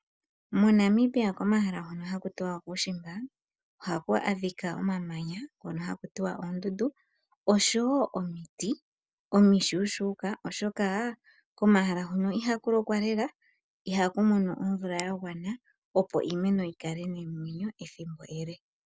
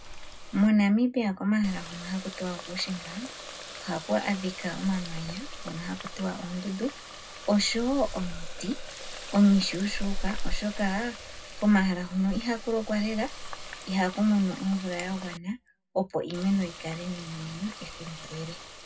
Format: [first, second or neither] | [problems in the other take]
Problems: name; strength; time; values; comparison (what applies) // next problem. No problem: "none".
first | background sound (Water tap, faucet); 9 dB below the speech // room echo; dies away in 0.3 s